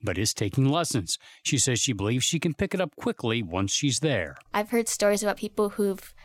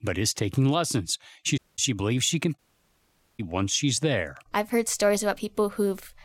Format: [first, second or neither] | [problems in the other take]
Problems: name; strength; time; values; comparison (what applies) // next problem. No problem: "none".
first | audio cutting out; at 1.5 s and at 2.5 s for 1 s